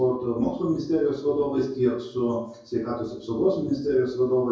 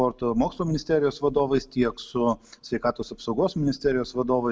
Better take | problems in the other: second | room echo; dies away in 0.6 s

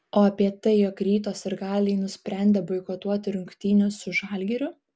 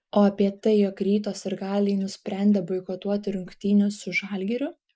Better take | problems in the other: first | noise reduction (neural mask model Resemble Enhance denoiser)

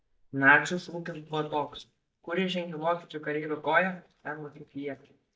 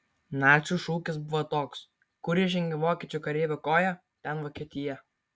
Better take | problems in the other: second | noise reduction (neural mask model DeepFilterNet 3)

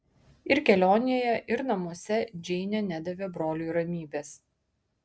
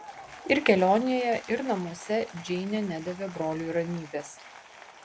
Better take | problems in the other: first | background sound (Applause / Crowd + Shatter); 16 dB below the speech

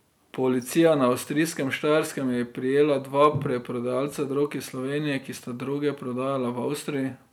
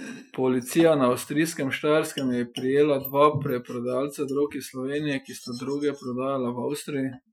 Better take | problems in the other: first | noise reduction (classical method Wiener filter)

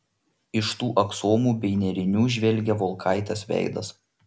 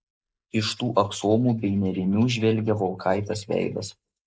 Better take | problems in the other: first | noise reduction (neural mask model Resemble Enhance denoiser)

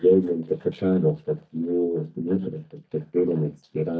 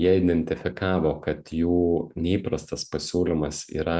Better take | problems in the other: second | noise reduction (neural mask model DeepFilterNet 3)

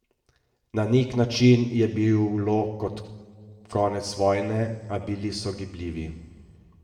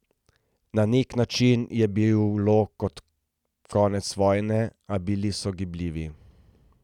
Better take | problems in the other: second | room echo; dies away in 1.8 s

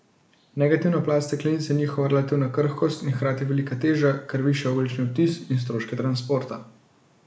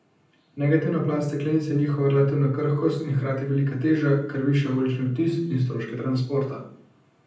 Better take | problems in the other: first | room echo; dies away in 0.6 s

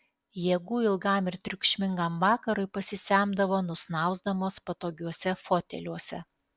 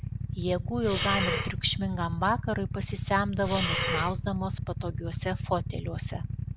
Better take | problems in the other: first | background sound (Breathing + Idling / Motorcycle); 1 dB below the speech

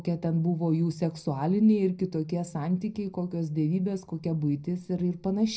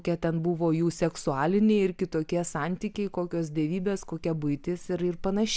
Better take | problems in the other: second | room echo; dies away in 0.4 s

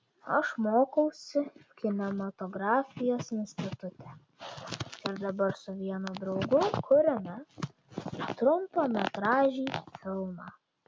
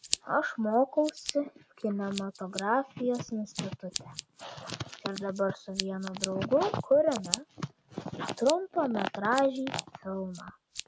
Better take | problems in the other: first | background sound (Scissors); 11 dB below the speech

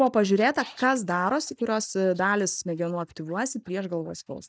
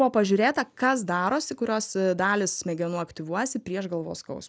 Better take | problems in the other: second | noise reduction (neural mask model DeepFilterNet 3)

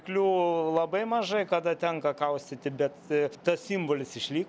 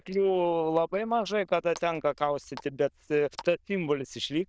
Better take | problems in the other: first | noise reduction (neural diffusion model UNIVERSE++)

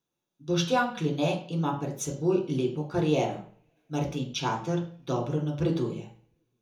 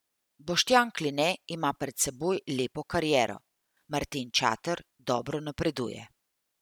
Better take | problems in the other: second | room echo; dies away in 0.6 s

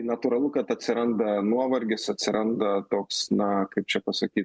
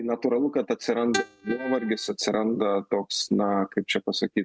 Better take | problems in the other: first | noise reduction (neural mask model RNNoise)

